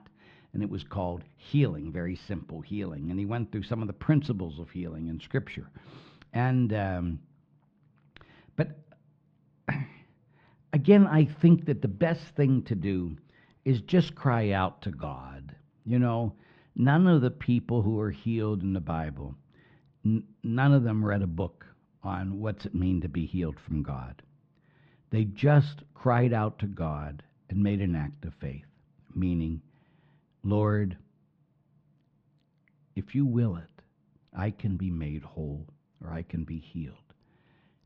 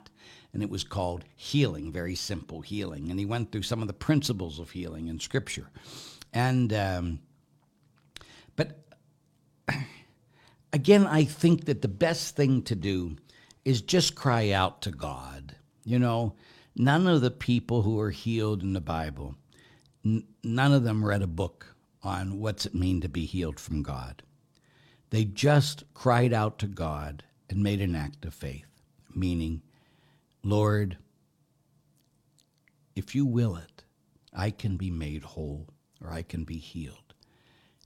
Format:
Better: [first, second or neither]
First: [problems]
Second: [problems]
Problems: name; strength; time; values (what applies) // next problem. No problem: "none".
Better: second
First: muffled; very; fading above 2.5 kHz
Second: none